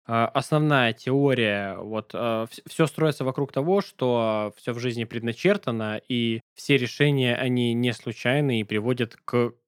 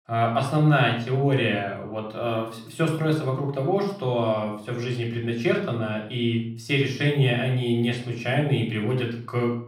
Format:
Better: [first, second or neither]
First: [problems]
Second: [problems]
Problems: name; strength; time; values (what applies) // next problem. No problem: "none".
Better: first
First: none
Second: off-mic speech; far // room echo; slight; dies away in 0.5 s